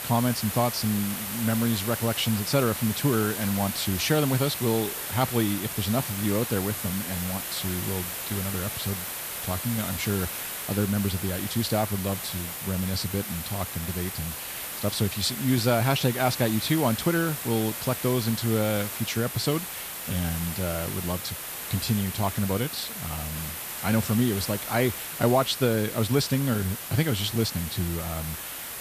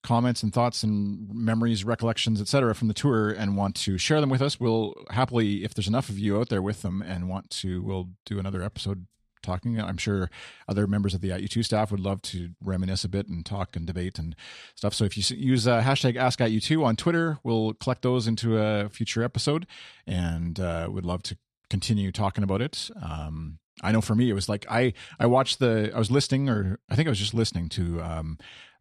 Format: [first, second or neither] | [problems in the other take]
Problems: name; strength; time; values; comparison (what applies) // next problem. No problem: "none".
second | hiss; loud; throughout; 5 dB below the speech